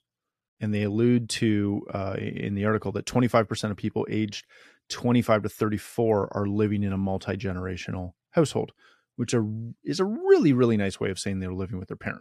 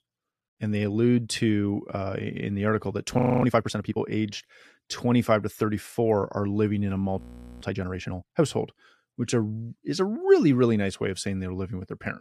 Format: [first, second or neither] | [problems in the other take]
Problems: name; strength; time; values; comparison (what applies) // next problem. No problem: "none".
first | audio freezing; at 3 s and at 7 s